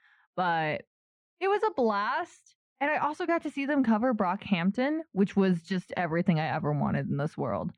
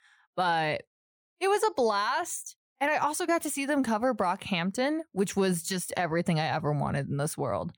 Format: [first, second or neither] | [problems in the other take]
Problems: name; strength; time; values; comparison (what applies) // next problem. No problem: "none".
second | muffled; slightly; fading above 2.5 kHz